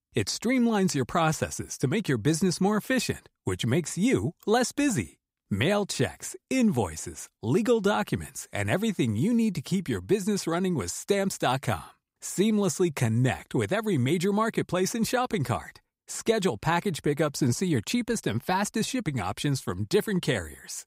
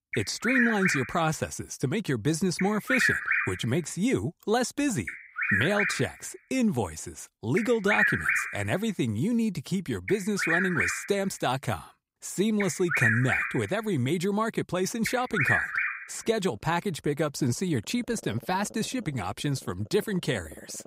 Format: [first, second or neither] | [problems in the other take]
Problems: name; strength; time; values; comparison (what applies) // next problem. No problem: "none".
first | animal sounds; very loud; throughout; 1 dB above the speech